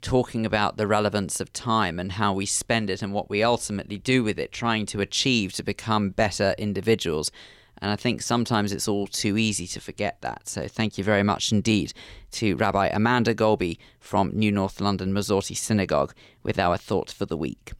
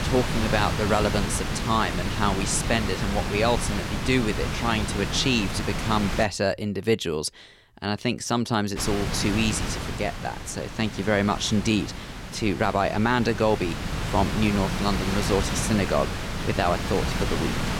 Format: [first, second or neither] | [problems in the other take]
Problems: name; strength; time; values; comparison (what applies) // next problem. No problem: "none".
first | wind noise on the microphone; heavy; until 6 s and from 9 s on; 5 dB below the speech